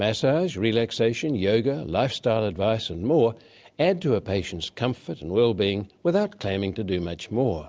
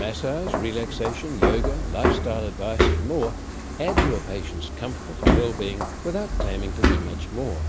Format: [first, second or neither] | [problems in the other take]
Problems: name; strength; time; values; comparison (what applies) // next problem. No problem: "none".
first | background sound (Walk, footsteps + Hammer); 5 dB above the speech